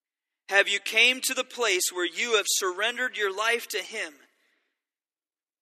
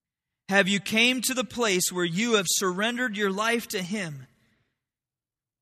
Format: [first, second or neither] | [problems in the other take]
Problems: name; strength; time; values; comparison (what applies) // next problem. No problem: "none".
second | thin; very; fading below 300 Hz